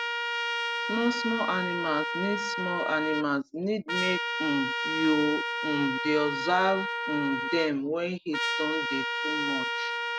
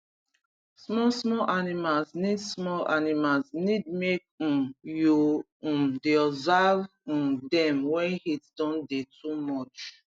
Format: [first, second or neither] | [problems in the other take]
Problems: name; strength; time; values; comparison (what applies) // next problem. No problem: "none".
second | background sound (Trumpet); 1 dB below the speech